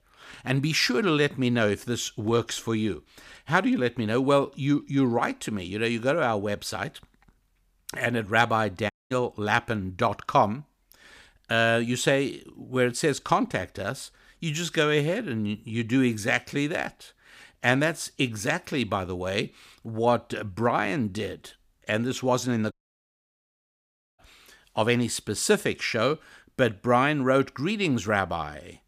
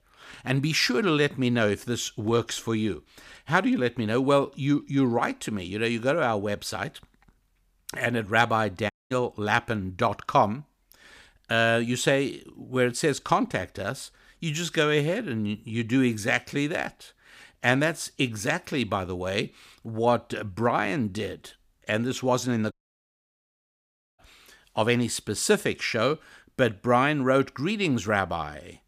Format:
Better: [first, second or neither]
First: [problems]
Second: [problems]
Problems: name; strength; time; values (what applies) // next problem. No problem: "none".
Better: neither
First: audio cutting out; at 9 s and at 23 s for 1.5 s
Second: audio cutting out; at 9 s and at 23 s for 1.5 s